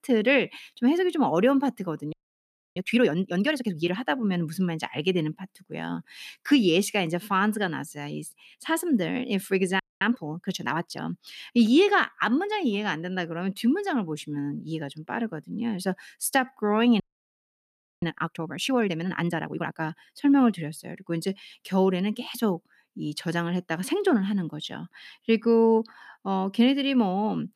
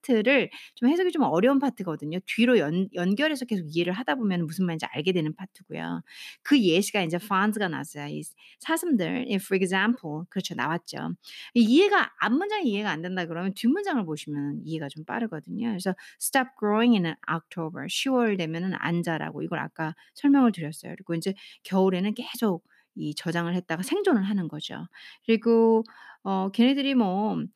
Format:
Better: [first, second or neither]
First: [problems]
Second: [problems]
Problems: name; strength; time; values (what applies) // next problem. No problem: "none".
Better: second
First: audio freezing; at 2 s for 0.5 s, at 10 s and at 17 s for 1 s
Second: none